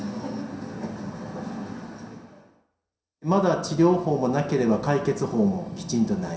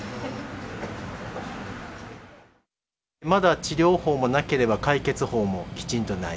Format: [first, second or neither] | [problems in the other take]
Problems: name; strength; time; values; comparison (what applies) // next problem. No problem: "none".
second | room echo; dies away in 0.7 s